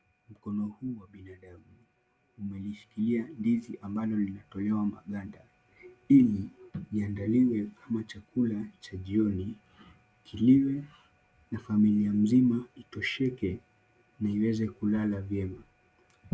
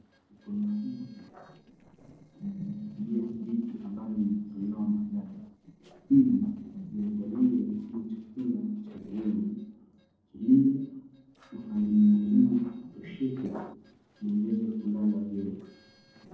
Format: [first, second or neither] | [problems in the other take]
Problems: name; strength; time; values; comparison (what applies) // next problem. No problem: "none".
first | noise reduction (neural separator model SepFormer DNS4)